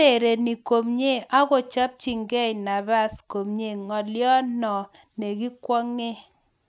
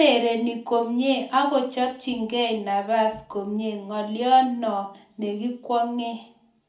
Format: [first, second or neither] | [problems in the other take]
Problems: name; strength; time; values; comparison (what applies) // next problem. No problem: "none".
first | room echo; dies away in 0.4 s